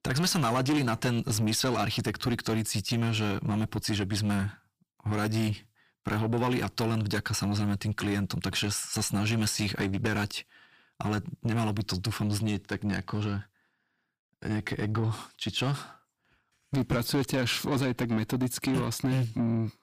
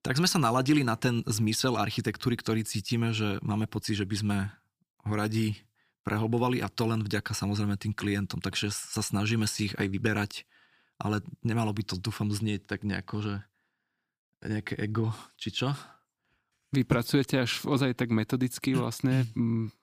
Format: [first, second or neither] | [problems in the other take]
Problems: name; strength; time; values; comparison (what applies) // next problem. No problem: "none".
second | distortion; slight; 10 dB below the speech